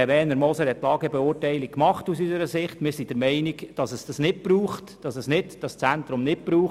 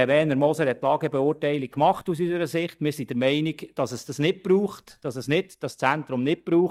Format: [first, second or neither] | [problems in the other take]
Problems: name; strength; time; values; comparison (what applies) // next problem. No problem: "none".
first | noise reduction (neural mask model DeepFilterNet 3)